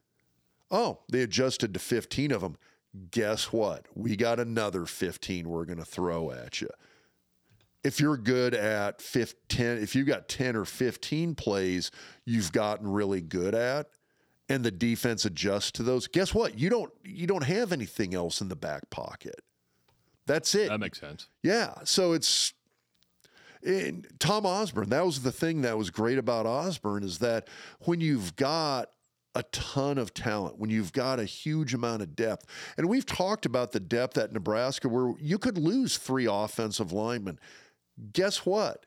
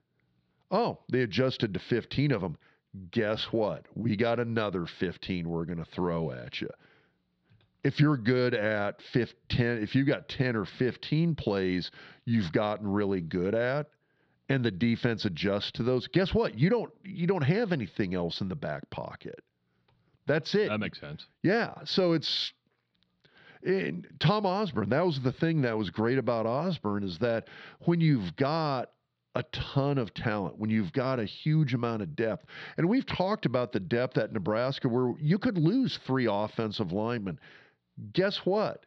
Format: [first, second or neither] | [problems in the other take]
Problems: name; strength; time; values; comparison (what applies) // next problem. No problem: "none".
first | muffled; very slightly; fading above 4 kHz